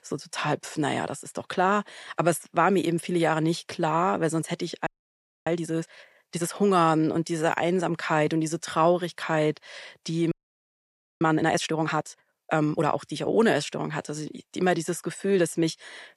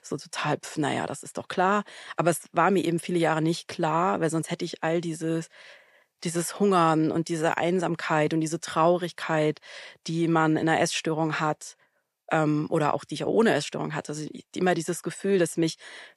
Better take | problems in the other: second | audio freezing; at 5 s for 0.5 s and at 10 s for 1 s

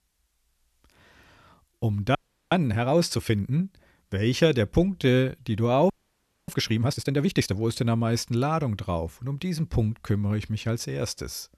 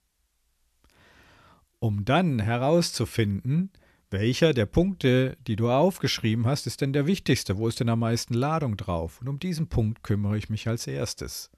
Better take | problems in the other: second | audio freezing; at 2 s and at 6 s for 0.5 s

